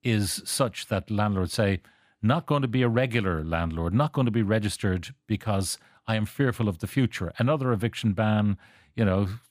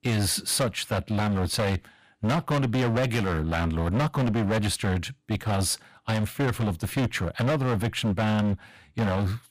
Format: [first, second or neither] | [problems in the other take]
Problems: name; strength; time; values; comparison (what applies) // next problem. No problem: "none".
first | distortion; heavy; 20% of the sound clipped